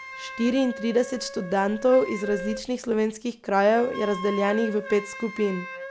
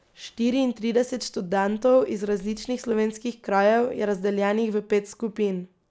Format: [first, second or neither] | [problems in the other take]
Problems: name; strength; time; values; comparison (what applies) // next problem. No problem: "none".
second | background sound (Wind instrument, woodwind instrument); 12 dB below the speech